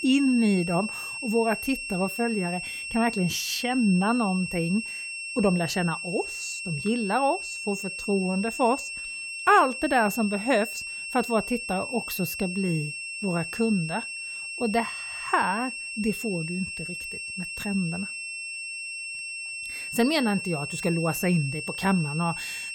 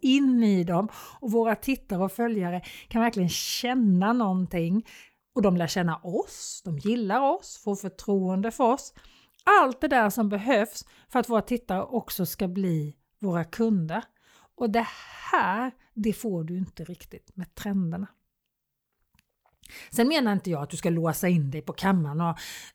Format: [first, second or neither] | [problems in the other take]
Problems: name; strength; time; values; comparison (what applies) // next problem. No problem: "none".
second | high-pitched whine; loud; throughout; 2.5 kHz, 6 dB below the speech